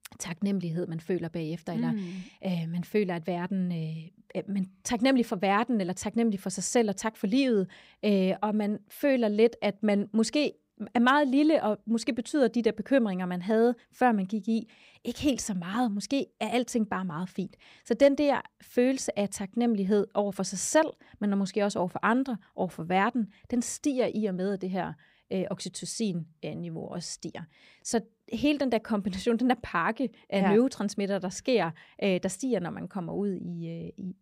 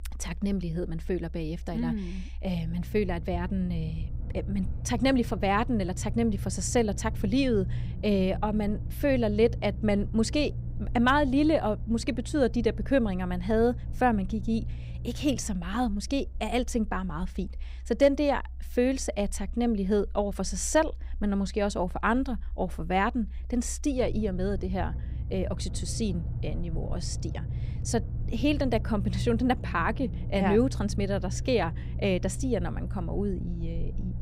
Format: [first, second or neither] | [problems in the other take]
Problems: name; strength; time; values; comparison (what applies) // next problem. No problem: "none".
first | low rumble; noticeable; throughout; 20 dB below the speech